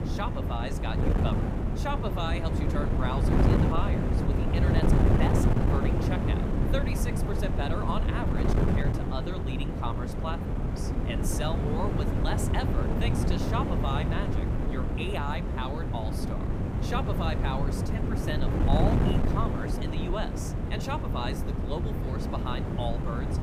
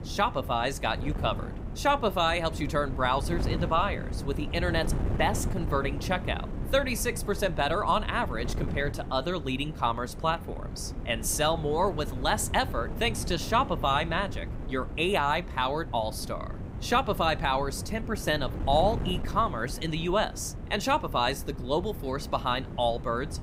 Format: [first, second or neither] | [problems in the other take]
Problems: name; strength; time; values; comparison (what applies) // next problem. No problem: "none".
second | wind noise on the microphone; heavy; as loud as the speech; occasional gusts in the second